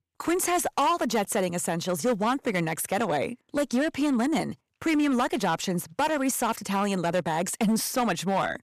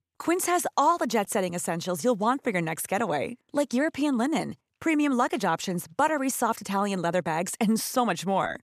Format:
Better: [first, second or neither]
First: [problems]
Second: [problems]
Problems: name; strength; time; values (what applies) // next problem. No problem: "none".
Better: second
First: distortion; slight; 9% of the sound clipped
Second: none